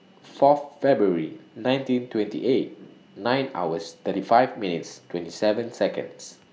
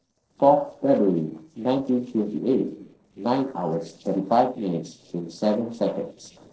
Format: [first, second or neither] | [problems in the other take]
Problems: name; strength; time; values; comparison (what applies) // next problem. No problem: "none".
first | noise reduction (neural separator model SepFormer DNS4)